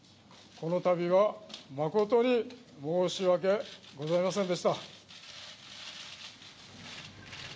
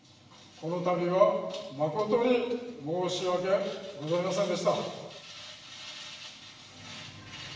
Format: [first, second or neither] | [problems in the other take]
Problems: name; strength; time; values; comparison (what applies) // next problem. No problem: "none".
first | room echo; dies away in 1.1 s